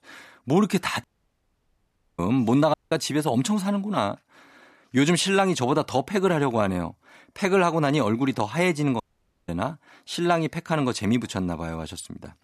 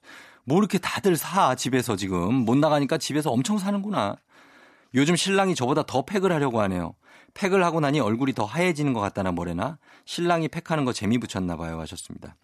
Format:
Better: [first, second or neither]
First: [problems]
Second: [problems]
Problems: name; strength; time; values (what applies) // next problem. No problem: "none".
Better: second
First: audio cutting out; at 1 s for 1 s, at 2.5 s and at 9 s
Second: none